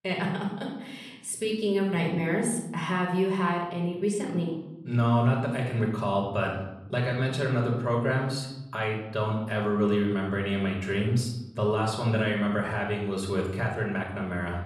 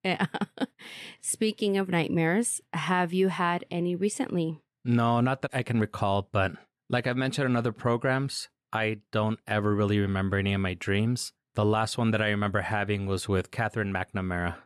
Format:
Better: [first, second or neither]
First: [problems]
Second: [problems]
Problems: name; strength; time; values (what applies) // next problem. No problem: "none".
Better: second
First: off-mic speech; somewhat distant // room echo; noticeable; dies away in 0.8 s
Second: none